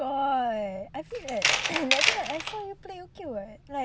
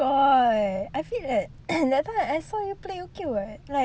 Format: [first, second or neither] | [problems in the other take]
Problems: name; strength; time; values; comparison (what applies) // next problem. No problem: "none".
second | background sound (Tools); 3 dB above the speech